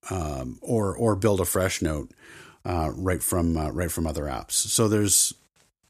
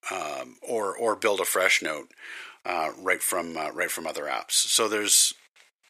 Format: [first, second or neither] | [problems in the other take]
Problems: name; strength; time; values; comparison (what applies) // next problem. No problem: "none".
first | thin; very; fading below 550 Hz